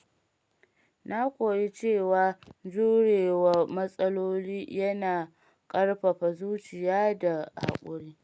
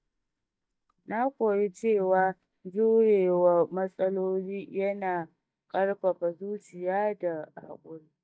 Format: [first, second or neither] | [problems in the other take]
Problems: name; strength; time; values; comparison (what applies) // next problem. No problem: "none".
first | noise reduction (neural mask model DeepFilterNet 3)